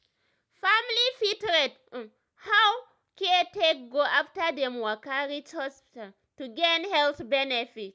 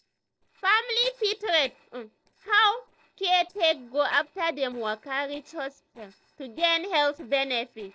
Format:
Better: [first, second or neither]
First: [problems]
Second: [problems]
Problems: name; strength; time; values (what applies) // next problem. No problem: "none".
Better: first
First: none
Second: noise reduction (neural separator model SepFormer DNS4)